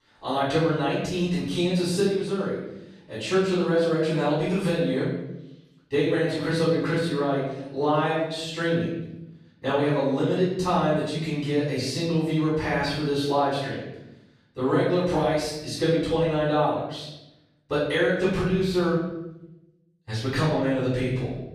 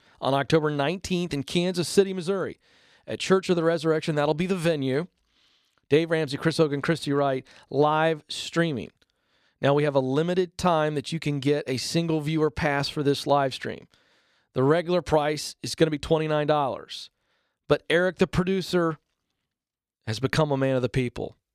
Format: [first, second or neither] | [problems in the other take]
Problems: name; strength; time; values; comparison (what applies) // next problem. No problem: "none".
second | room echo; noticeable; dies away in 0.9 s // off-mic speech; far